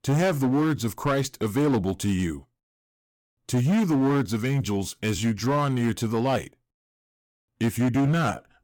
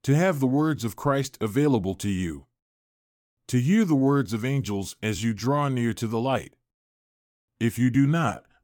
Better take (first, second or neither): second